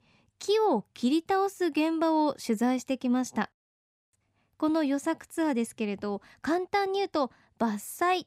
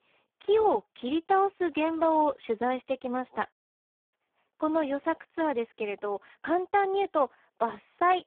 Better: first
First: none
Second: phone-call audio; poor line

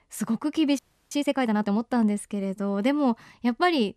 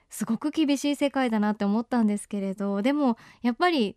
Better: second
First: audio freezing; at 1 s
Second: none

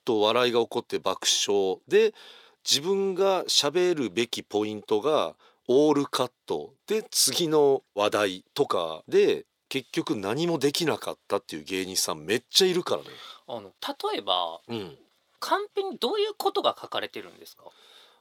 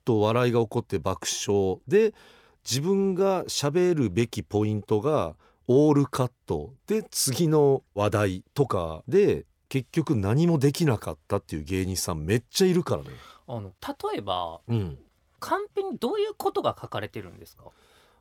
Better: second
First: thin; somewhat; fading below 350 Hz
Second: none

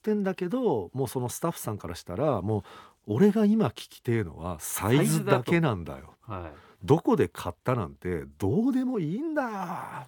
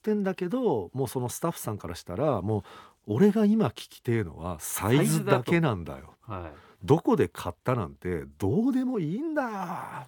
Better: neither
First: none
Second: none

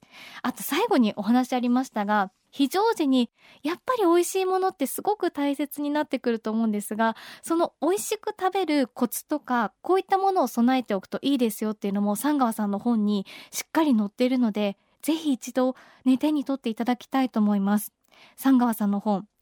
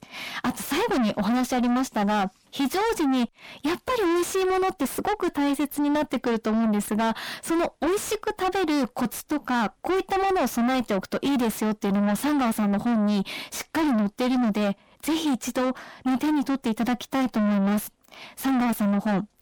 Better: first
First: none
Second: distortion; heavy; 6 dB below the speech

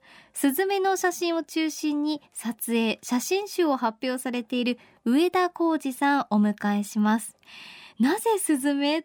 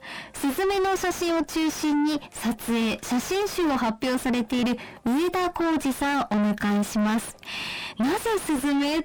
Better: first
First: none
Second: distortion; heavy; 4 dB below the speech

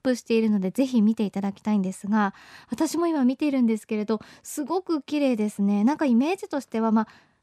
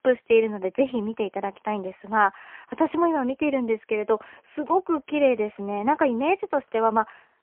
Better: first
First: none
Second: phone-call audio; poor line; nothing above 2.5 kHz

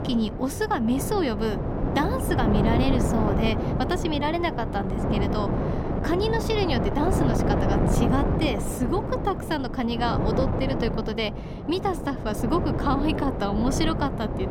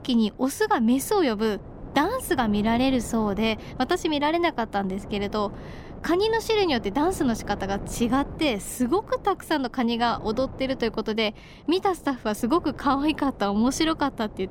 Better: second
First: wind noise on the microphone; heavy; 3 dB below the speech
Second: wind noise on the microphone; occasional gusts; 20 dB below the speech

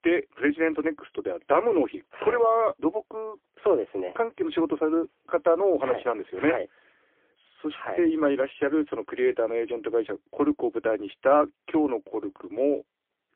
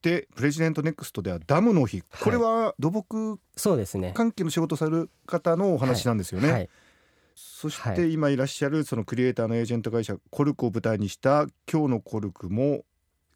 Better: second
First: phone-call audio; poor line; nothing above 3.5 kHz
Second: none

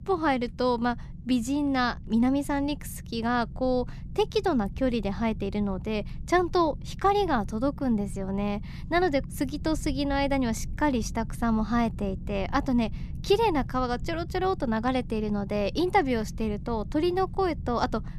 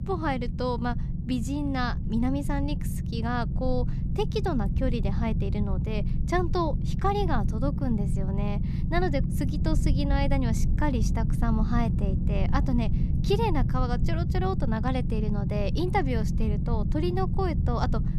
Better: first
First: low rumble; faint; throughout; 25 dB below the speech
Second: low rumble; loud; throughout; 9 dB below the speech

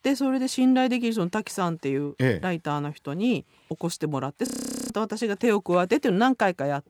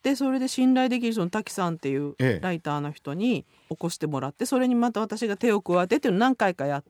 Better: second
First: audio freezing; at 4.5 s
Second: none

